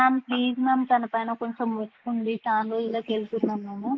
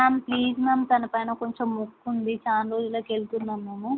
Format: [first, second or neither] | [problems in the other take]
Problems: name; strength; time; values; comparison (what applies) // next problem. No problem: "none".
second | noise reduction (neural mask model Resemble Enhance denoiser)